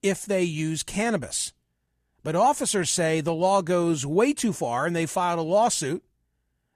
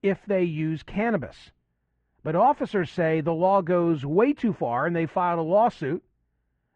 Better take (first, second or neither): first